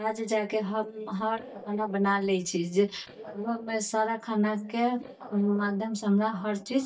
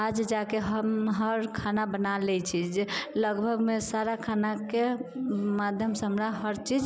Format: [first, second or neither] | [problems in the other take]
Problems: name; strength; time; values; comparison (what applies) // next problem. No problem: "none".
second | noise reduction (neural mask model DeepFilterNet 3)